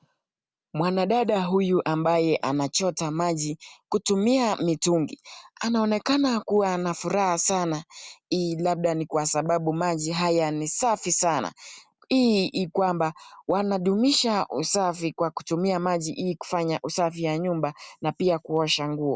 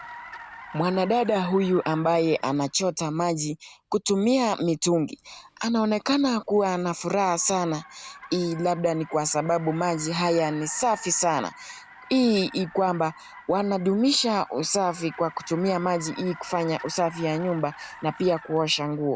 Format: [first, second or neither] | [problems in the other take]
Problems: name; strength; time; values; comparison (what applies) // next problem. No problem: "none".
first | background sound (Car); 20 dB below the speech